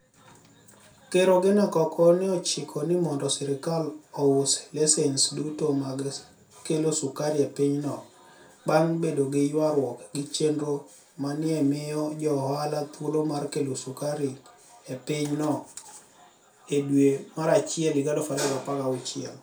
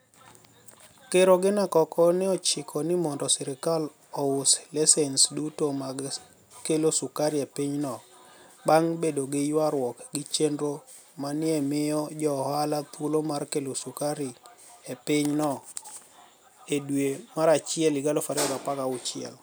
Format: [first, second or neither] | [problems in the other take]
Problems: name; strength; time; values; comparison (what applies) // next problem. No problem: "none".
second | room echo; dies away in 0.3 s